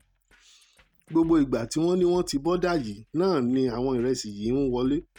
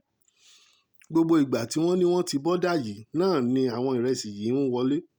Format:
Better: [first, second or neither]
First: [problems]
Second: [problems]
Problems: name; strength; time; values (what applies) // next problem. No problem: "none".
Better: second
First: noise reduction (neural mask model RNNoise)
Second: none